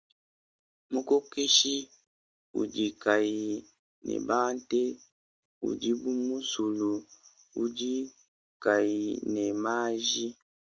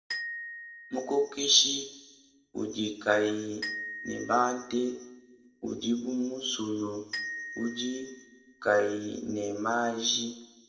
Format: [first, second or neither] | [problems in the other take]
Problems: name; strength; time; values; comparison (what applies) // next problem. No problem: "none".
first | background sound (Glockenspiel); 13 dB below the speech // room echo; dies away in 0.9 s